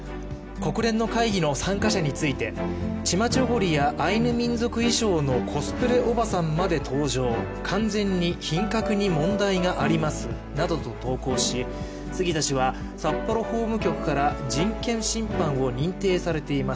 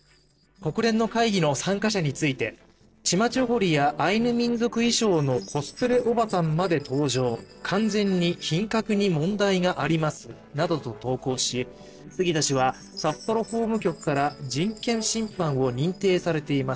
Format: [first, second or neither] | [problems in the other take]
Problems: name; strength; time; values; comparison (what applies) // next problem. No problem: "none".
first | noise reduction (neural separator model SepFormer DNS4)